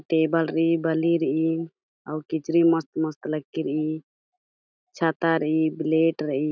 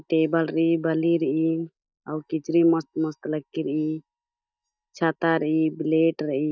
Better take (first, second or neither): first